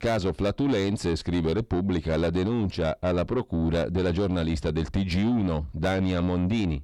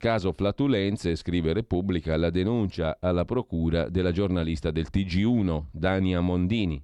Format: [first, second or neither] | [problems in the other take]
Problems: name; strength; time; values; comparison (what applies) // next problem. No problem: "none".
second | distortion; slight; 10 dB below the speech